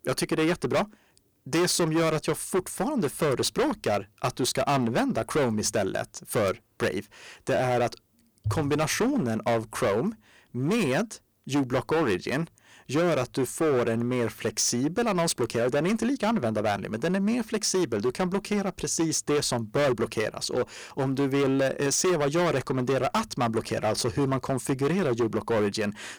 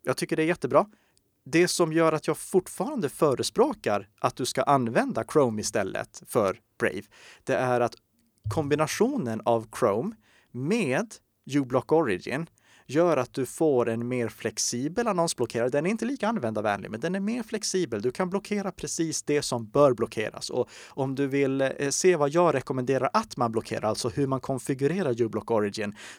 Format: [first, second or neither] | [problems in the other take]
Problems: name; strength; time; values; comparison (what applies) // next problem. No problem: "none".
second | distortion; heavy; 14% of the sound clipped